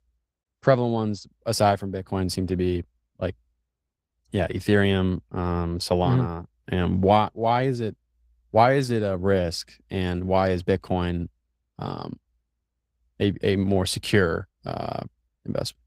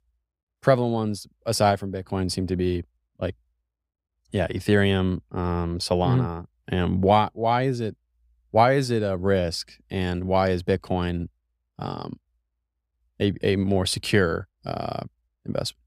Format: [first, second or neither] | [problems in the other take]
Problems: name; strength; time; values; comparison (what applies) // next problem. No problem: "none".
second | garbled, watery; slightly; nothing above 15.5 kHz